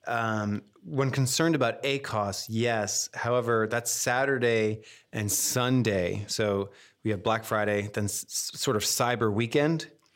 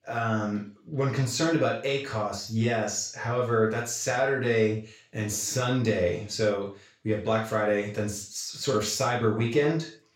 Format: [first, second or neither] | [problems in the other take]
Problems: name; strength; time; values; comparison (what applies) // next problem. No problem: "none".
first | room echo; noticeable; dies away in 0.3 s // off-mic speech; far